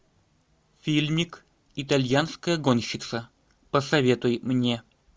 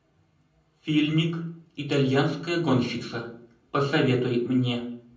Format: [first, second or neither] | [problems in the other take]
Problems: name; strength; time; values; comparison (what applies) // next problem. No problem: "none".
first | room echo; dies away in 0.6 s